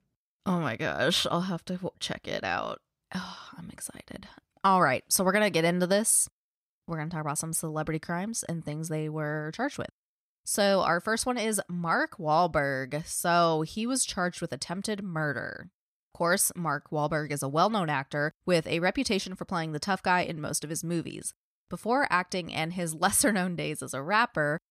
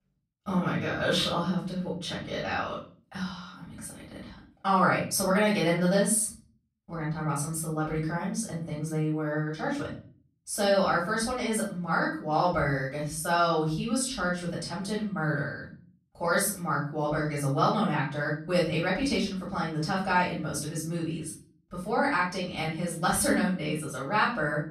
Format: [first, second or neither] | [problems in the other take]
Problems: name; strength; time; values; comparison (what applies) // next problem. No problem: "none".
first | room echo; noticeable; dies away in 0.5 s // off-mic speech; far